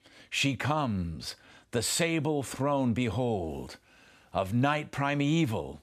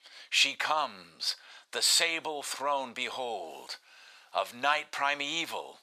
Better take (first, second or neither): first